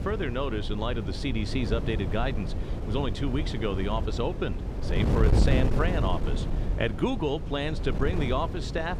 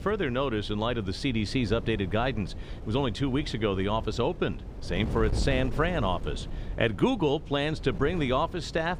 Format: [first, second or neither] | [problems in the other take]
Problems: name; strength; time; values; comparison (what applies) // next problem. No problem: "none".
second | wind noise on the microphone; heavy; 7 dB below the speech; occasional gusts in the second